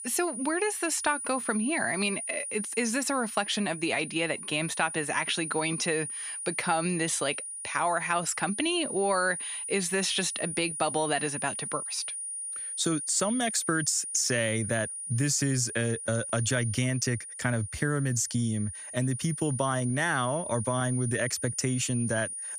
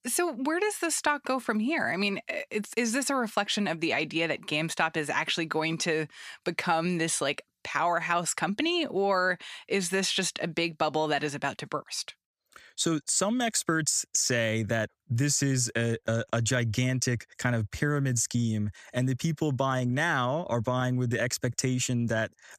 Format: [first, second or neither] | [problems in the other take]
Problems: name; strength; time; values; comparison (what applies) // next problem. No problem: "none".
second | high-pitched whine; loud; throughout; 9.5 kHz, 6 dB below the speech